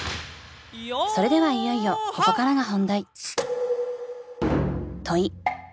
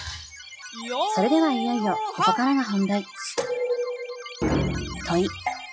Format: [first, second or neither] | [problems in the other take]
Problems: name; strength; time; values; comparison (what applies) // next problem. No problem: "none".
first | noise reduction (classical method log-MMSE)